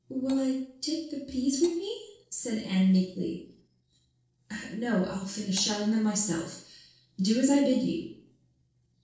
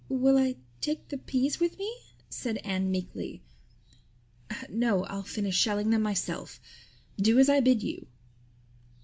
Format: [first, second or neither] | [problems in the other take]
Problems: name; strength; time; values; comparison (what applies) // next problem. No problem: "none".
second | noise reduction (neural separator model SepFormer DNS4)